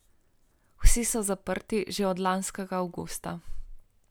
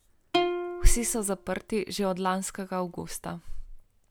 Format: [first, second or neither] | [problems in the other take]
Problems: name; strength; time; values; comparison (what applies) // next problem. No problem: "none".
first | background sound (Plucked string instrument); 7 dB below the speech